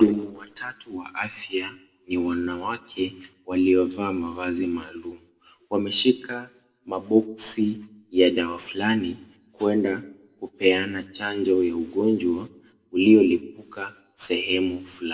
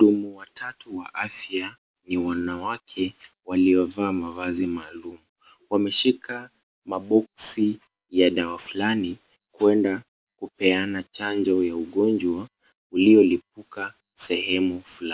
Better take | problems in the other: second | room echo; dies away in 0.5 s

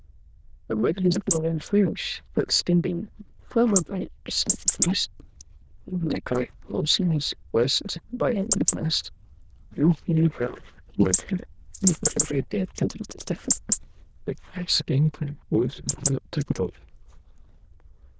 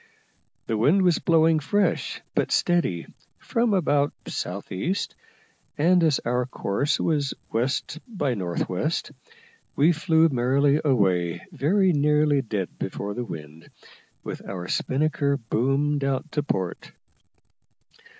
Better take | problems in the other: second | noise reduction (neural diffusion model UNIVERSE++)

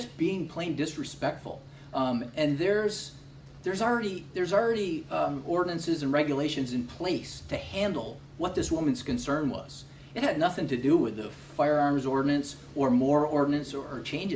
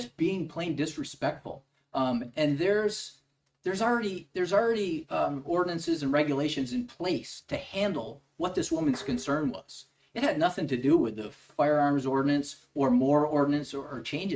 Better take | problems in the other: first | noise reduction (neural mask model RNNoise)

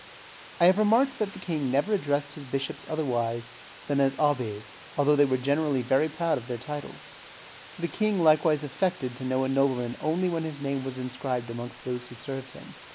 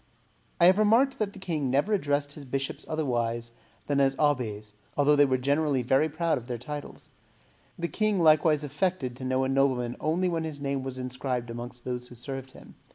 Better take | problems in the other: second | background sound (Water); 20 dB below the speech

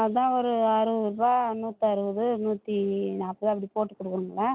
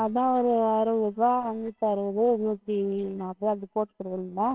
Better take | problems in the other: first | noise reduction (neural separator model SepFormer WHAMR!)

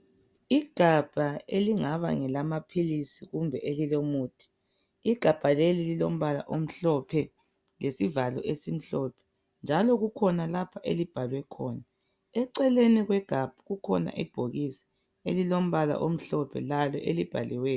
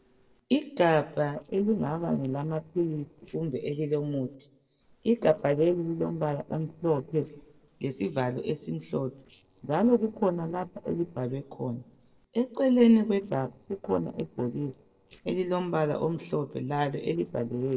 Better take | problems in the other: first | noise reduction (neural separator model SepFormer DNS4)

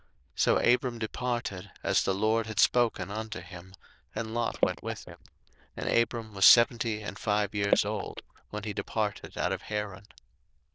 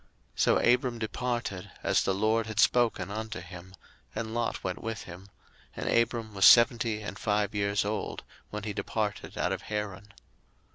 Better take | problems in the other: second | noise reduction (neural diffusion model UNIVERSE++)

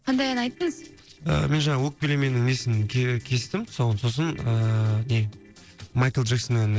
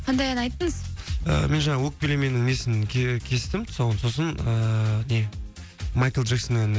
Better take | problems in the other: second | noise reduction (neural separator model SepFormer DNS4)

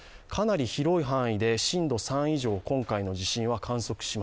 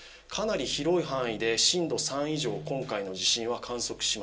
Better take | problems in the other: first | room echo; dies away in 0.2 s

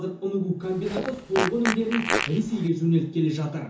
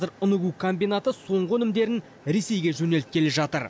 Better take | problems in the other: second | background sound (Fart); 4 dB below the speech // room echo; dies away in 0.6 s

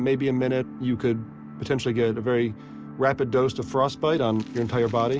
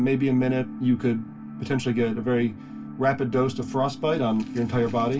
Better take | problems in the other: first | room echo; dies away in 0.2 s

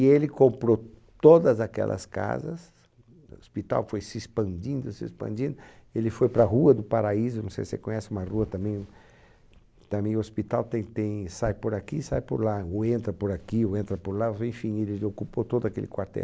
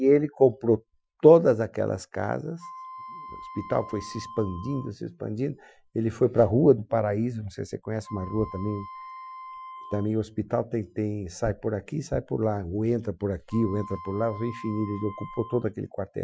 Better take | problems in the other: first | noise reduction (classical method Wiener filter)

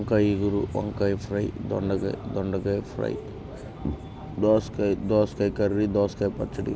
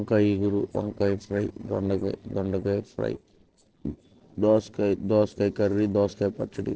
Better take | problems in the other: first | noise reduction (neural separator model SepFormer DNS4)

